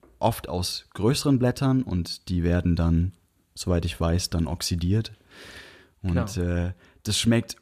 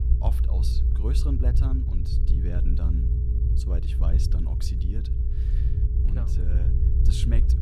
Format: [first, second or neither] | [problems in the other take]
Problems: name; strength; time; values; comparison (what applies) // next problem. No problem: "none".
first | low rumble; loud; throughout; 1 dB below the speech